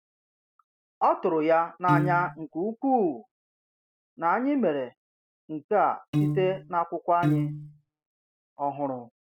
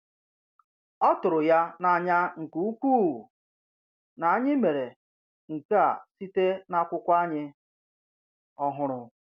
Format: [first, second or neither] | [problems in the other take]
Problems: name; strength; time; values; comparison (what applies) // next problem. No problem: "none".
second | noise reduction (classical method spectral subtraction)